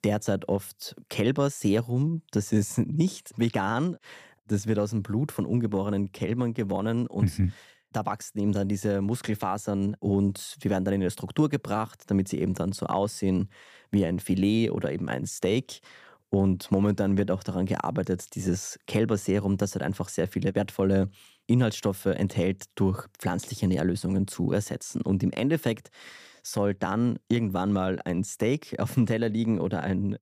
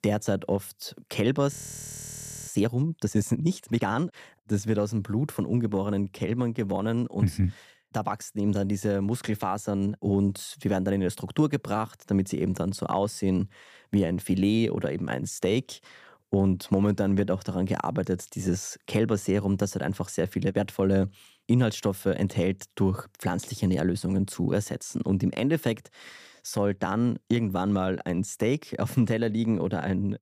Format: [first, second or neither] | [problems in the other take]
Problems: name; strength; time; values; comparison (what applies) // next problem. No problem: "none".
first | audio freezing; at 1.5 s for 1 s